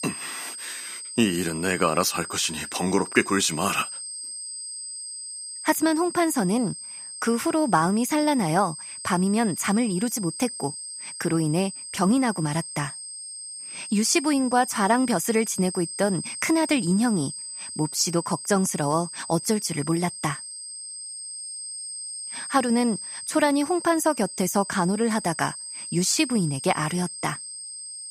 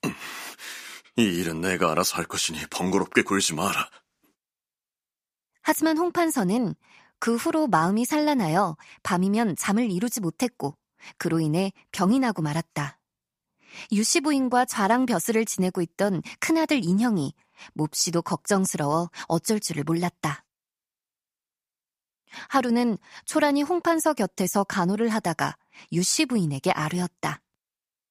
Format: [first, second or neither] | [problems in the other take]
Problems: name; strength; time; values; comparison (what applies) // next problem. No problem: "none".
second | high-pitched whine; loud; throughout; 8.5 kHz, 9 dB below the speech